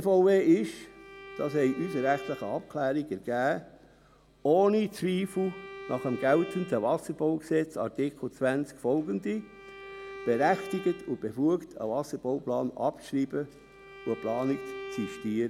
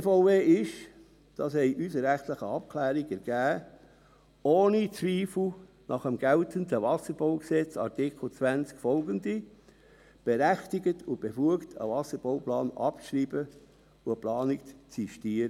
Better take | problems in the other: second | background sound (Bowed string instrument); 16 dB below the speech

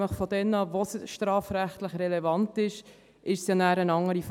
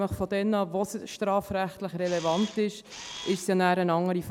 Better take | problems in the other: first | background sound (Camera); 13 dB below the speech

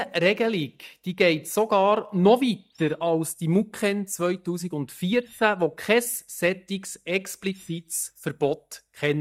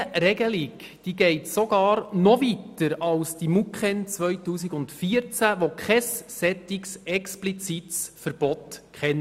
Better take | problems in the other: second | noise reduction (neural mask model DeepFilterNet 3)

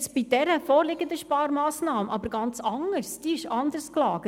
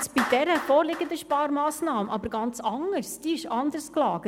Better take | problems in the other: first | background sound (Clapping); 13 dB below the speech

